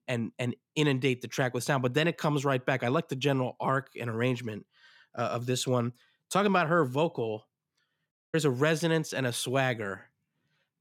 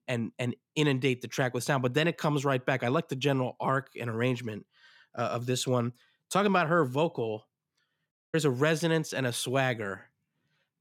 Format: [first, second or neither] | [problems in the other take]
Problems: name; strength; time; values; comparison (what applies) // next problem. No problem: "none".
neither | audio cutting out; at 8 s; the same in both